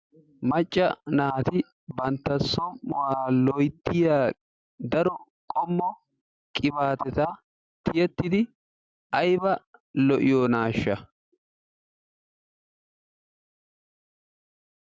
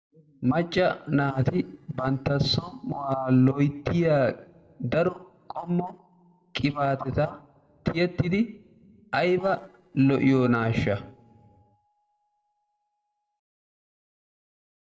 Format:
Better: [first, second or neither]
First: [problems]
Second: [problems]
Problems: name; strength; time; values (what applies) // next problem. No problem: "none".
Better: first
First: none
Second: noise reduction (neural separator model SepFormer DNS4)